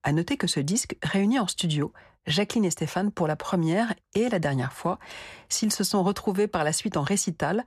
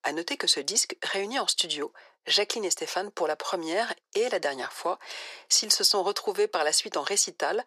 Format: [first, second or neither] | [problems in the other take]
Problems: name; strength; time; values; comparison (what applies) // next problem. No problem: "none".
first | thin; very; fading below 400 Hz